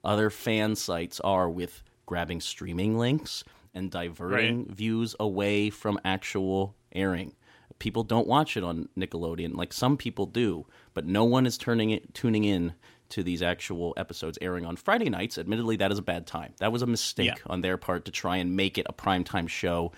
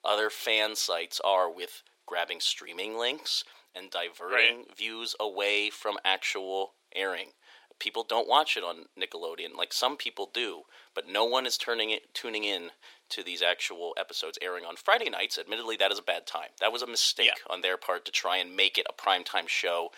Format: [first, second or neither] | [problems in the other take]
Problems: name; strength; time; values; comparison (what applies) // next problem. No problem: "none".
first | thin; very; fading below 450 Hz